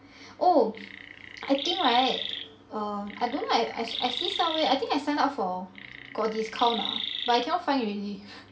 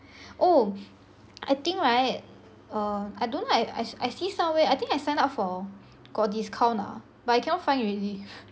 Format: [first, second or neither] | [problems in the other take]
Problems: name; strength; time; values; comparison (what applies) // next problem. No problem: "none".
second | background sound (Chirp, tweet); 8 dB below the speech // room echo; dies away in 0.3 s